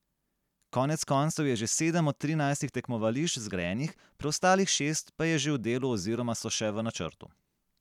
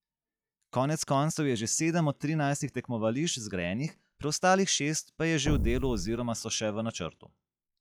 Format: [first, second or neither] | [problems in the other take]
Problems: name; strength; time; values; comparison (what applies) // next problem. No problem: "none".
first | noise reduction (classical method log-MMSE)